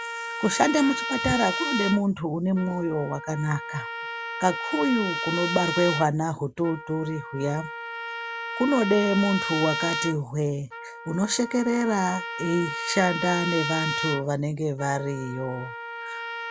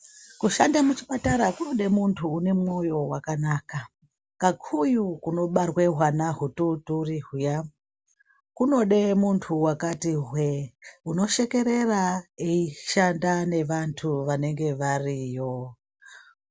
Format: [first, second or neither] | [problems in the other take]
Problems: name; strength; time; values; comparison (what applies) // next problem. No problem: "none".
second | background sound (Trumpet); 6 dB below the speech